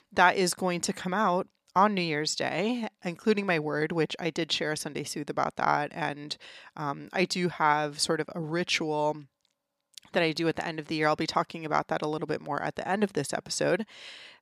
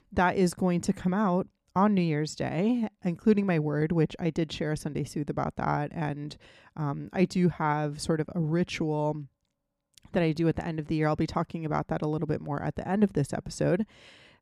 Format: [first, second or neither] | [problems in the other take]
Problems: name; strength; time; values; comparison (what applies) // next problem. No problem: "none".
second | thin; somewhat; fading below 900 Hz